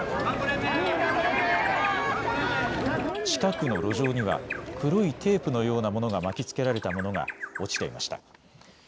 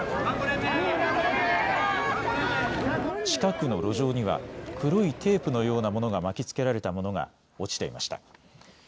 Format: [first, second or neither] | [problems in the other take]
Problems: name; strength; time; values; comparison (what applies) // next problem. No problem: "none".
second | background sound (Bird); 12 dB below the speech